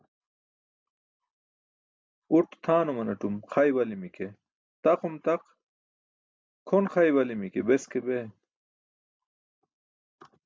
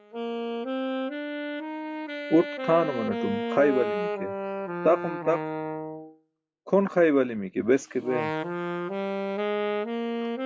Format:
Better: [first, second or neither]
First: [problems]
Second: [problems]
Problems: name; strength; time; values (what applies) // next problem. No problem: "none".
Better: first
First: none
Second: noise reduction (classical method log-MMSE)